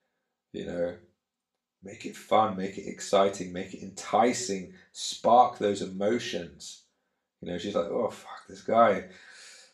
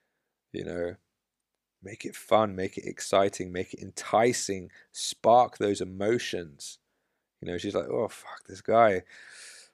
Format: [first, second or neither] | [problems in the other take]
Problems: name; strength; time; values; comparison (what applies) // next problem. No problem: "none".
second | room echo; slight; dies away in 0.3 s // off-mic speech; far